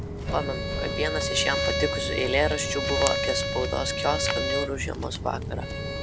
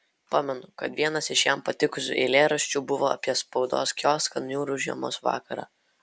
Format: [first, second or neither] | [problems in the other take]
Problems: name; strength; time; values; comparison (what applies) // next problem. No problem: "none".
second | background sound (Walk, footsteps + Bowed string instrument); 1 dB above the speech